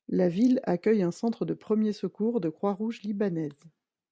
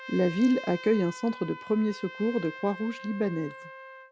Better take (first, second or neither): first